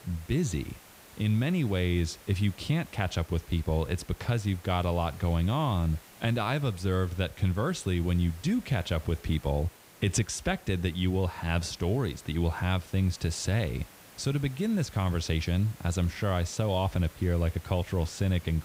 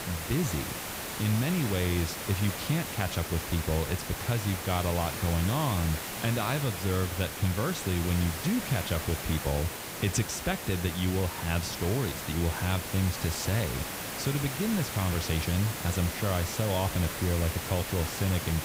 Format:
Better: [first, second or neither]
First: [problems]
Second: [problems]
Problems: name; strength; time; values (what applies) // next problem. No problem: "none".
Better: first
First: hiss; faint; throughout; 20 dB below the speech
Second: hiss; loud; throughout; 4 dB below the speech